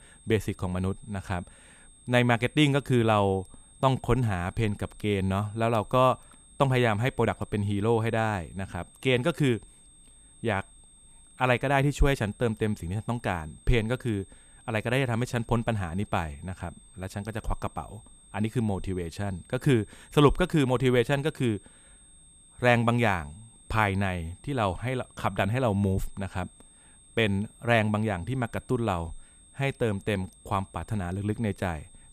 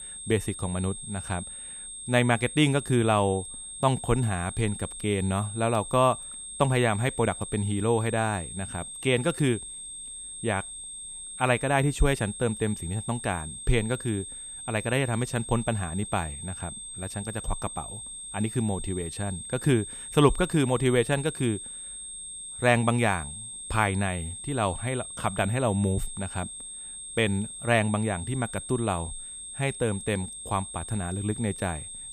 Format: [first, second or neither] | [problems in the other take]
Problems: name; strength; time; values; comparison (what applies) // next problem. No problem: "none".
first | high-pitched whine; loud; throughout; 8.5 kHz, 9 dB below the speech; faint in the first